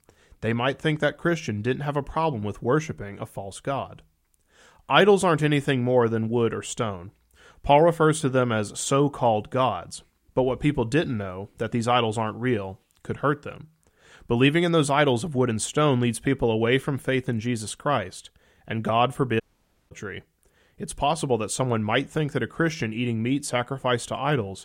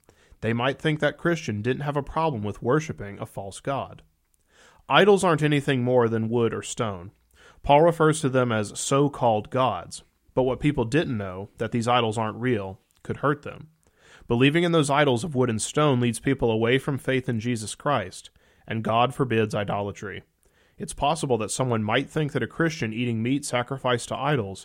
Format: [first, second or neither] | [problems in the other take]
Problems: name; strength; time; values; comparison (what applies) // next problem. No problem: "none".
second | audio cutting out; at 19 s for 0.5 s